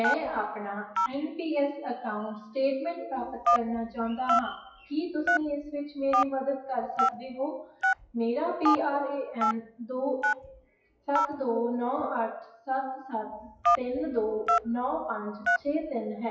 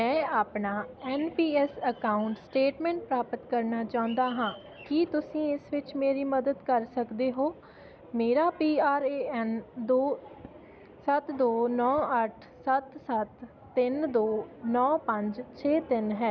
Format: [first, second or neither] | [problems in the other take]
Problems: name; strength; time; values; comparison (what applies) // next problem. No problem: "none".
second | noise reduction (classical method WPE with log-MMSE)